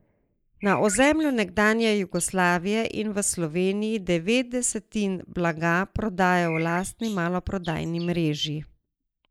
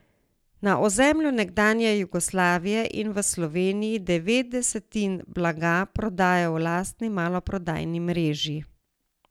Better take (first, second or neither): second